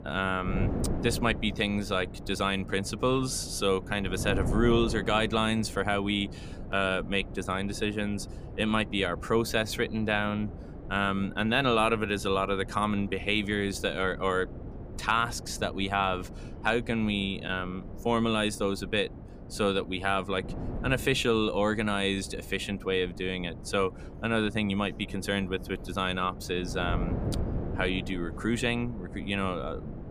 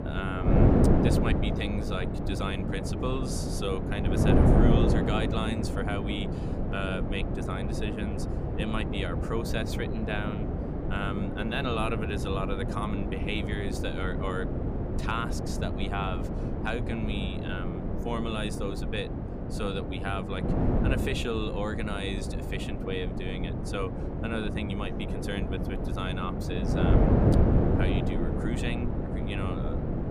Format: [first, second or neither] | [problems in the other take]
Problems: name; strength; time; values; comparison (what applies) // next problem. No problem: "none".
first | wind noise on the microphone; heavy; as loud as the speech; occasional gusts in the first